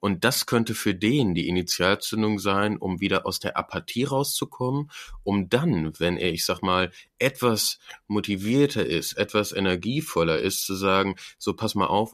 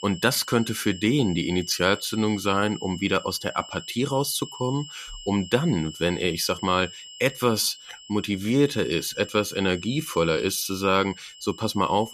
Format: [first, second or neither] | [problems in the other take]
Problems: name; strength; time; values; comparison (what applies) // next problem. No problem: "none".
first | high-pitched whine; noticeable; throughout; 3 kHz, 15 dB below the speech